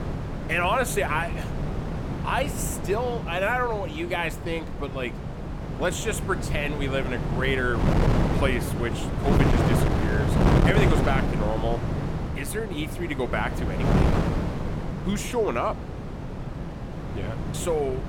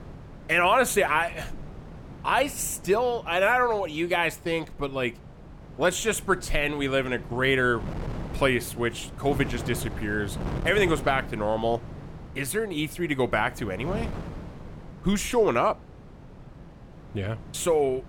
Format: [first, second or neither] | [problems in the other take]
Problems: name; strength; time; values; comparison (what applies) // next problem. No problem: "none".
second | wind noise on the microphone; heavy; 4 dB below the speech; occasional gusts in the second